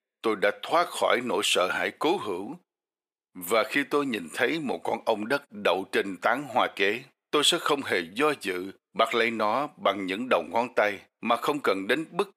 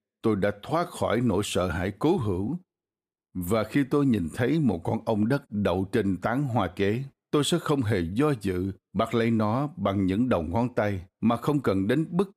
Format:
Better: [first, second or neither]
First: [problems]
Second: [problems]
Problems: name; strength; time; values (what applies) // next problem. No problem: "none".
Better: second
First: thin; somewhat; fading below 500 Hz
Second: none